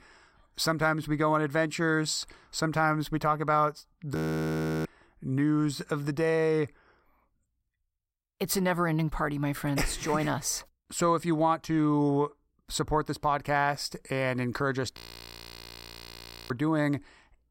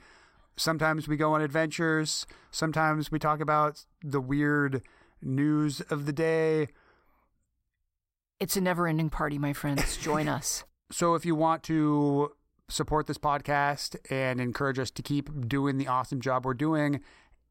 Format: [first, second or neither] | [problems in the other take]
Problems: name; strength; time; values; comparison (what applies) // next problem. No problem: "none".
second | audio freezing; at 4 s for 0.5 s and at 15 s for 1.5 s